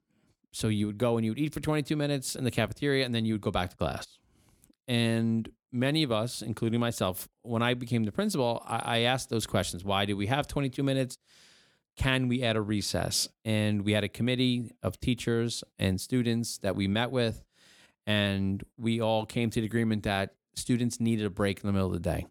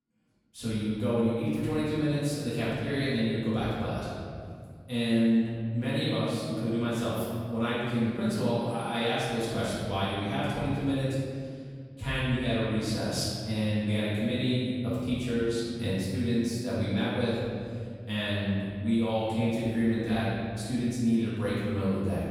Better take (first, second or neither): first